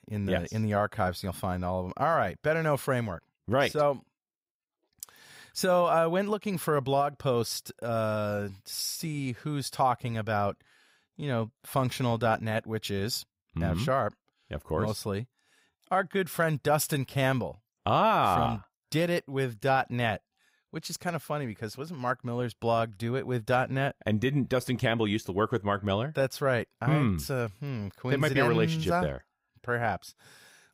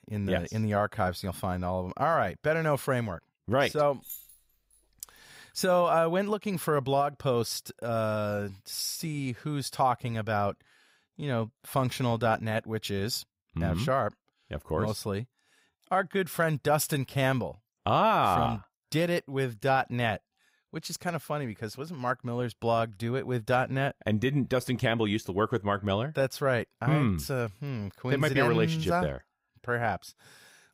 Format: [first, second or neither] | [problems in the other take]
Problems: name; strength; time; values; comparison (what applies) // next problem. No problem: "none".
first | jangling keys; faint; at 4 s; peak 15 dB below the speech